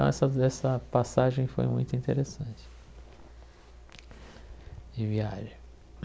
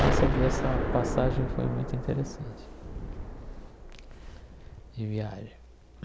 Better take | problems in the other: first | background sound (Explosion); 1 dB above the speech

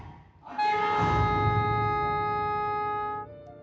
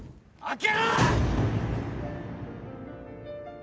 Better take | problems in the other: second | background sound (Wind instrument, woodwind instrument); 5 dB above the speech // room echo; dies away in 1.1 s

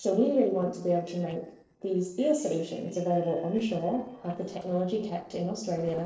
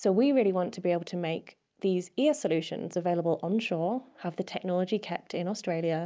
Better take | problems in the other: second | noise reduction (neural separator model SepFormer DNS4)

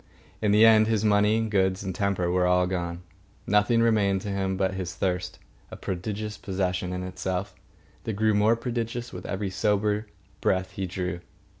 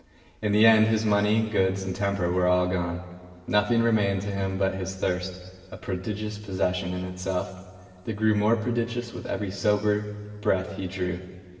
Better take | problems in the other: first | room echo; dies away in 2.1 s

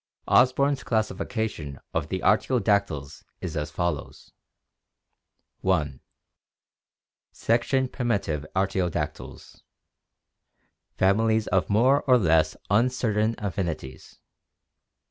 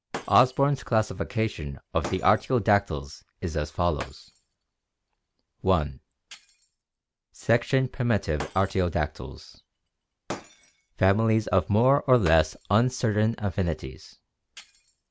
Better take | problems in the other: first | background sound (Shatter); 19 dB below the speech

